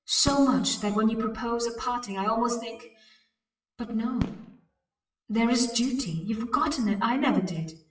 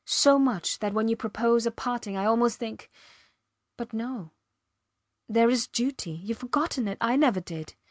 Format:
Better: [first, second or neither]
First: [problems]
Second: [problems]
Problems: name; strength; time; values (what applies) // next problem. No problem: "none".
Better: second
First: noise reduction (classical method WPE with log-MMSE)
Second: none